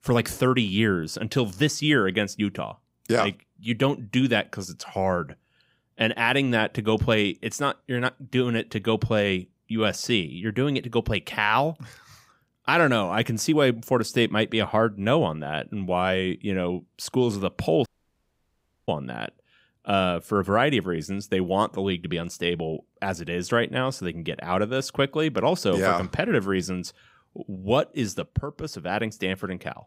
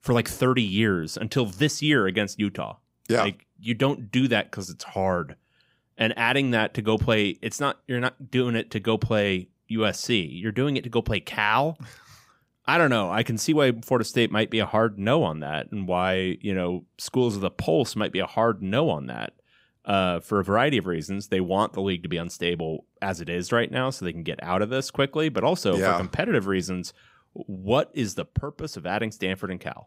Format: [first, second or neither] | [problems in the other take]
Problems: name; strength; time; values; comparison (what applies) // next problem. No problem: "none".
second | audio cutting out; at 18 s for 1 s